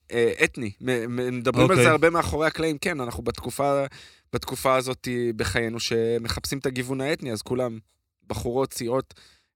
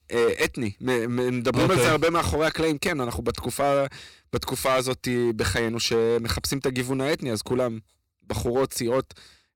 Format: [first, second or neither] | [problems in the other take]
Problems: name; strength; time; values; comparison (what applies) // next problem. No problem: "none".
first | distortion; heavy; 7% of the sound clipped